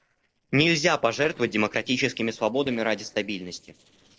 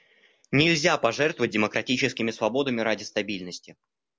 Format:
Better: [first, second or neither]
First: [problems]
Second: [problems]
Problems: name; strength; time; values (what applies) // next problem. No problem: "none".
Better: second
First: noise reduction (neural separator model SepFormer DNS4)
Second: none